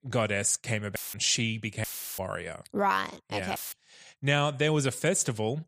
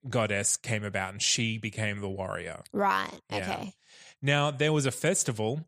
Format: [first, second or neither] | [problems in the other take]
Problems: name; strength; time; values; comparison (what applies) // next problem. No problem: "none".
second | audio cutting out; filled with static; at 1 s, at 2 s and at 3.5 s